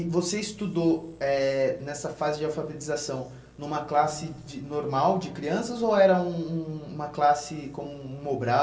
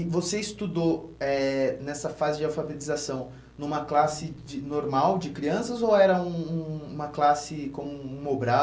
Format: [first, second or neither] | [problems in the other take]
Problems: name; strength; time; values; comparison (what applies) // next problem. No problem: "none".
second | room echo; dies away in 1.1 s